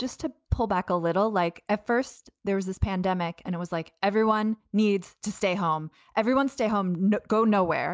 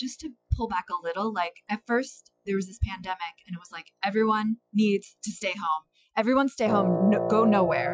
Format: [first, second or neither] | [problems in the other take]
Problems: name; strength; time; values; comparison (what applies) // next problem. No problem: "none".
first | noise reduction (classical method Wiener filter)